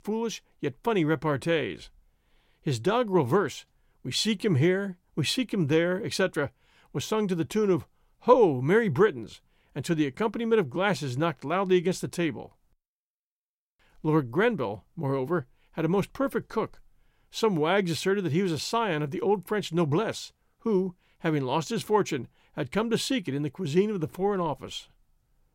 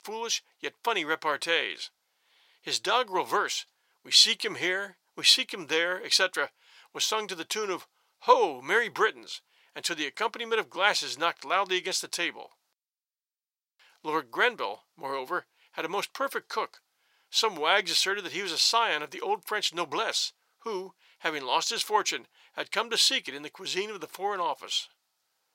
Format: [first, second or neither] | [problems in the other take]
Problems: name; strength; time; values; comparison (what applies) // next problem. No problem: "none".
first | thin; very; fading below 800 Hz